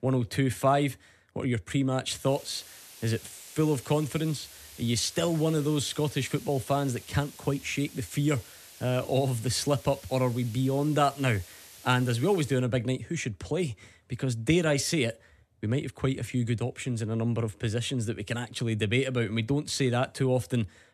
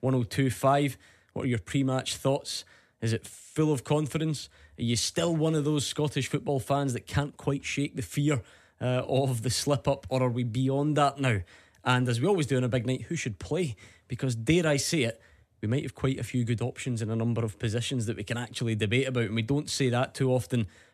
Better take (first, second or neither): second